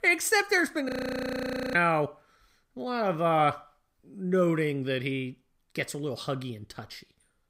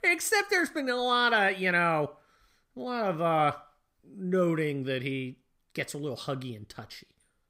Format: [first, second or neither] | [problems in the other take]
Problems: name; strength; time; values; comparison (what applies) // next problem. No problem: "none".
second | audio freezing; at 1 s for 1 s